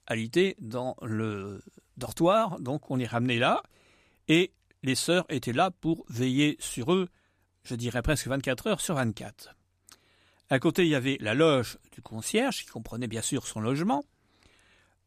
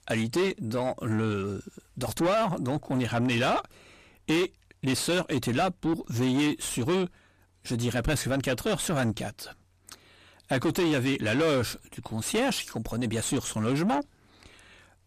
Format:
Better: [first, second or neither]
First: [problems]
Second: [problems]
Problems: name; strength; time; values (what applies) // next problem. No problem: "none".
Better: first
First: none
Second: distortion; heavy; 6 dB below the speech